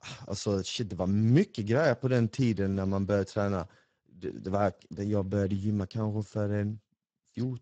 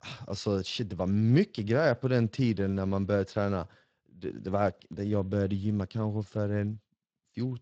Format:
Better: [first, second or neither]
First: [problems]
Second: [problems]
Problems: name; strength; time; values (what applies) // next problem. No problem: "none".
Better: second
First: garbled, watery; badly; nothing above 7.5 kHz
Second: garbled, watery; slightly; nothing above 7.5 kHz